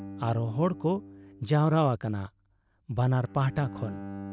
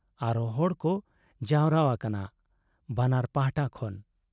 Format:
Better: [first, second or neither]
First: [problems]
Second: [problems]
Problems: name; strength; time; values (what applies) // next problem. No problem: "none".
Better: second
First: background sound (Bowed string instrument); 15 dB below the speech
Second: none